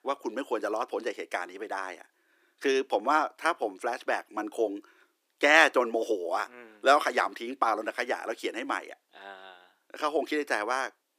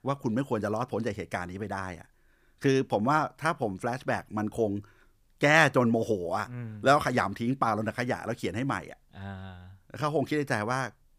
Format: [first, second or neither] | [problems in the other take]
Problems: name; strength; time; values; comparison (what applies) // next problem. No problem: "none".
second | thin; somewhat; fading below 300 Hz